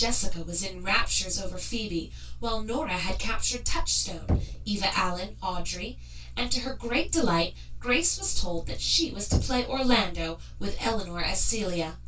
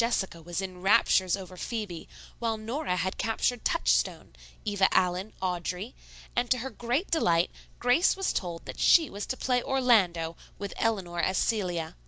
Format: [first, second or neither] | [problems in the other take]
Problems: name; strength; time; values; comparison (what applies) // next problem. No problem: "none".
second | background sound (Knock); 12 dB below the speech // room echo; dies away in 0.2 s